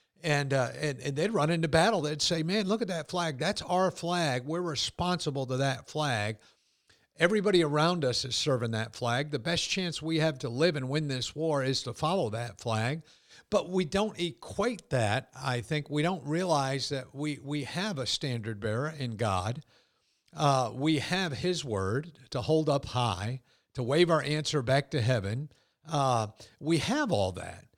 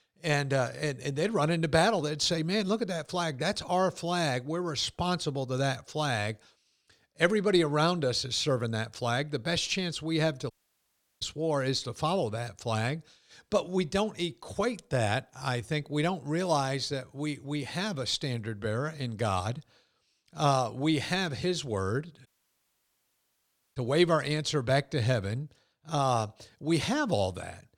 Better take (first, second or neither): first